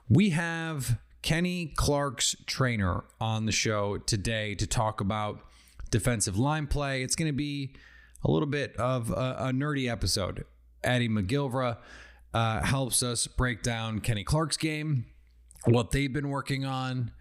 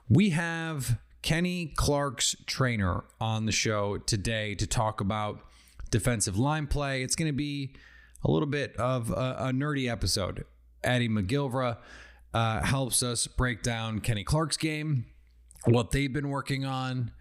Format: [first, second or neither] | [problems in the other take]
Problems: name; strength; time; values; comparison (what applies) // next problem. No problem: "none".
neither | none